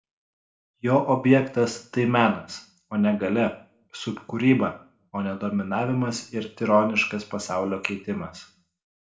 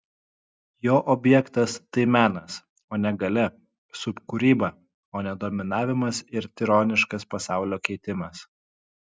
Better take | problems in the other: second | room echo; dies away in 0.4 s

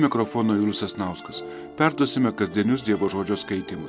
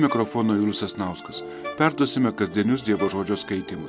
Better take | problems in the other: first | background sound (Wind instrument, woodwind instrument); 15 dB below the speech

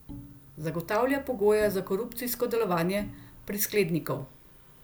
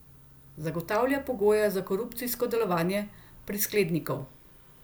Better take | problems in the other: second | background sound (Bowed string instrument); 19 dB below the speech

